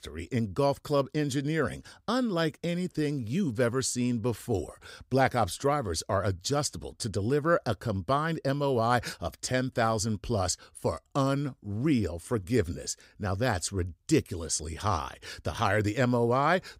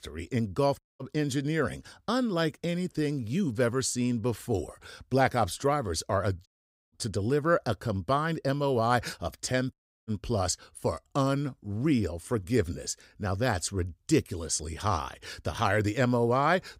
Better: first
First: none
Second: audio cutting out; at 1 s, at 6.5 s and at 9.5 s

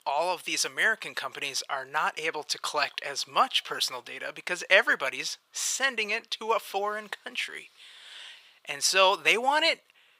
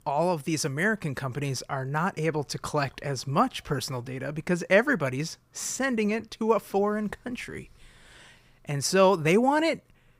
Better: second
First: thin; very; fading below 700 Hz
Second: none

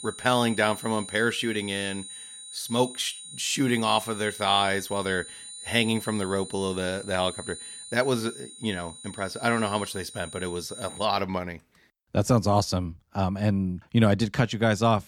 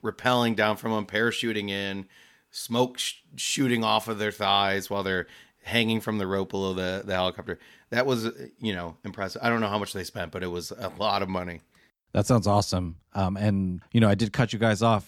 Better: second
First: high-pitched whine; noticeable; until 11 s; 9 kHz, 10 dB below the speech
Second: none

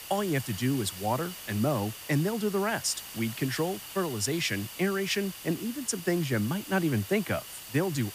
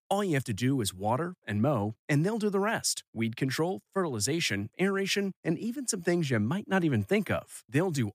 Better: second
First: hiss; noticeable; throughout; 10 dB below the speech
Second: none

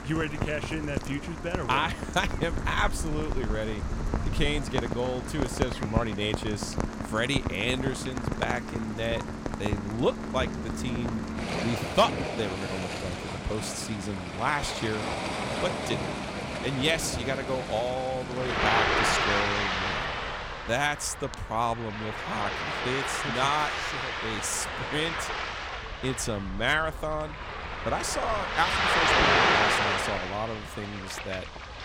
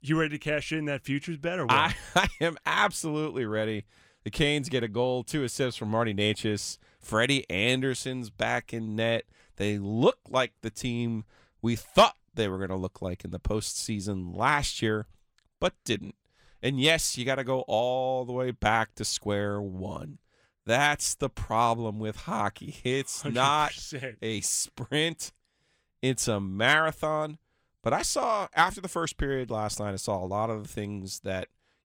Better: second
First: rain or running water; very loud; throughout; 1 dB above the speech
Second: none

